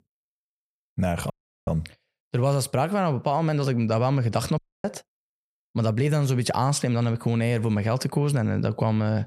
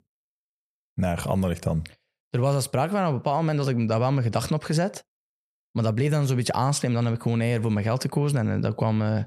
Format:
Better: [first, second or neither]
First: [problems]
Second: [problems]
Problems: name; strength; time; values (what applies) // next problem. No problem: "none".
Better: second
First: audio cutting out; at 1.5 s and at 4.5 s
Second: none